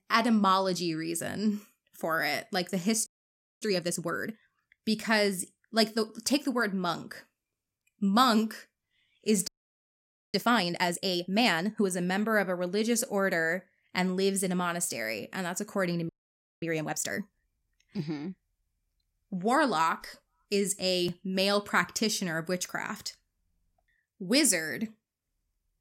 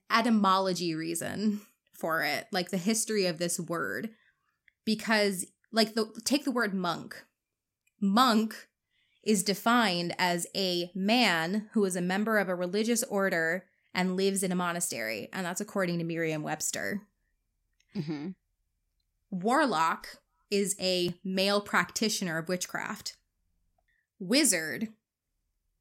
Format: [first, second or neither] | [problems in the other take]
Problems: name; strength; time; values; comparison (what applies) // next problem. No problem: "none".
second | audio freezing; at 3 s for 0.5 s, at 9.5 s for 1 s and at 16 s for 0.5 s